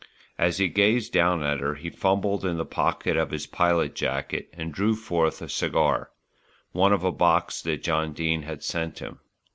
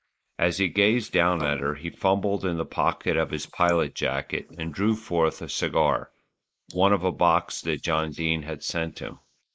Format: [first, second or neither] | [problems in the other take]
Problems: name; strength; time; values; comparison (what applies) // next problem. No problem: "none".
first | noise reduction (neural mask model Resemble Enhance denoiser)